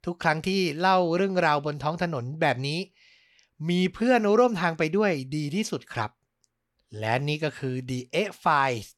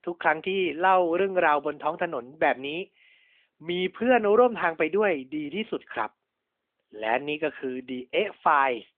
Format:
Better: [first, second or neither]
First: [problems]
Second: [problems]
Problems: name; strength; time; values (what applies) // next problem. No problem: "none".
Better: first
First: none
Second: phone-call audio; nothing above 3.5 kHz